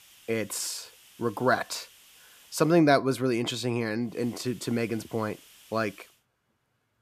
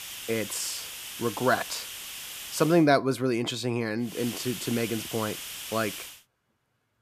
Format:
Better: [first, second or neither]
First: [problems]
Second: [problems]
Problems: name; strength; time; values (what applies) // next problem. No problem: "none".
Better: first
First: hiss; faint; until 3 s and from 4 to 6 s; 25 dB below the speech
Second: hiss; loud; until 3 s and from 4 to 6 s; 8 dB below the speech